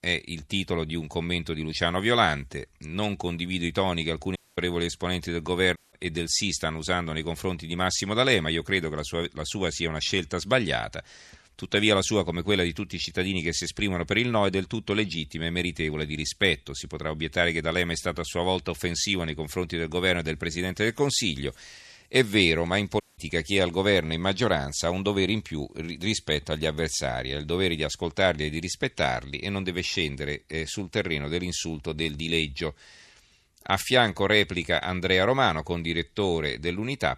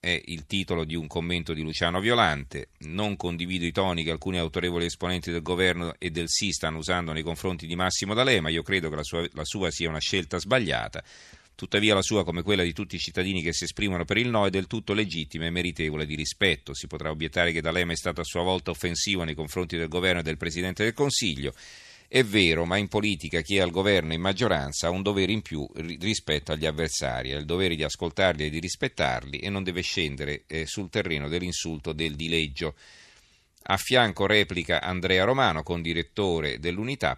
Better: second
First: audio cutting out; at 4.5 s, at 6 s and at 23 s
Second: none

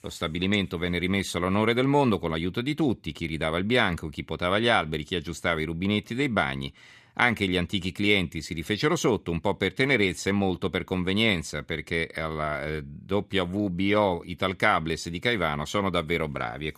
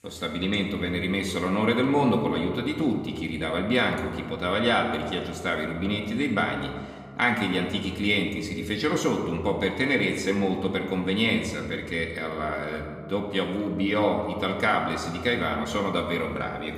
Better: first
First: none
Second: room echo; slight; dies away in 1.3 s // off-mic speech; somewhat distant

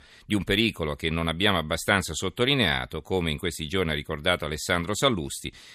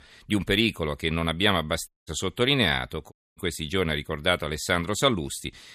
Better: first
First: none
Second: audio cutting out; at 2 s and at 3 s

